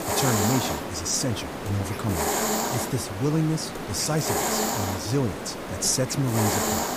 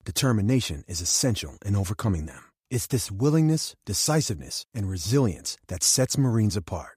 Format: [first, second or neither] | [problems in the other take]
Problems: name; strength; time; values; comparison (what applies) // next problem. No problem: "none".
second | hiss; loud; throughout; 1 dB below the speech